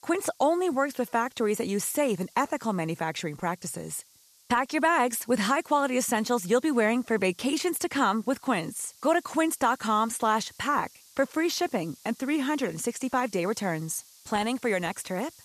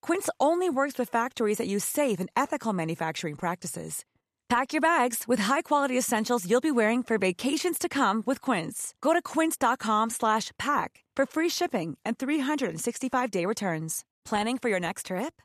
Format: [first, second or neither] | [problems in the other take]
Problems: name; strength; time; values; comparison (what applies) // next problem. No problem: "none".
second | hiss; faint; throughout; 25 dB below the speech